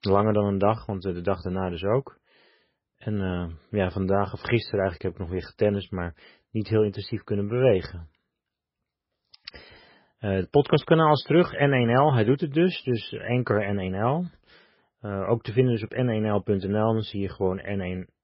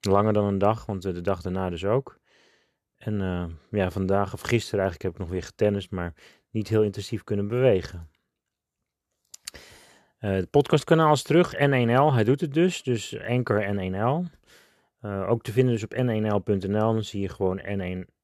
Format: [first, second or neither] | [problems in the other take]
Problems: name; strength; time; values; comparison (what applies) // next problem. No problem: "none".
second | garbled, watery; badly; nothing above 5.5 kHz